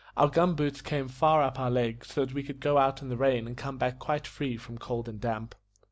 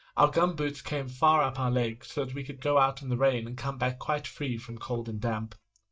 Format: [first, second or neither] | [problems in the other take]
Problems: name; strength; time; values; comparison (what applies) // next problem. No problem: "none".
first | noise reduction (neural mask model DeepFilterNet 3)